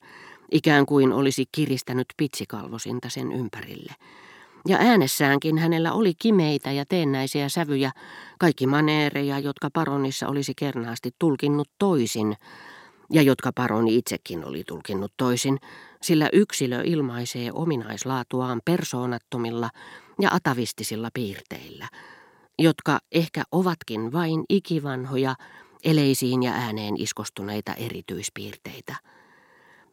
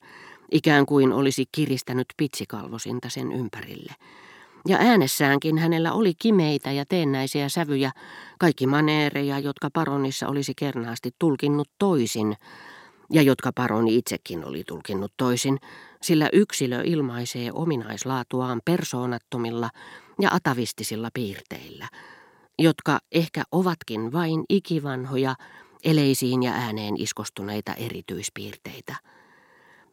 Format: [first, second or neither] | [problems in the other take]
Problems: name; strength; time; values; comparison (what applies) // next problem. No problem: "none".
neither | none